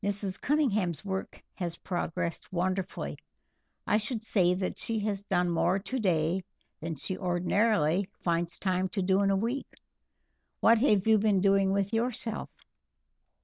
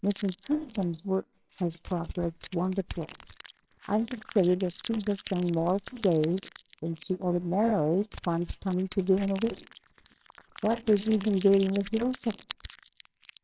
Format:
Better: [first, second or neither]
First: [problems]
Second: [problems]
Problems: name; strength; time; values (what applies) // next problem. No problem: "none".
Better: first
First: none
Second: noise reduction (neural separator model SepFormer WHAMR!)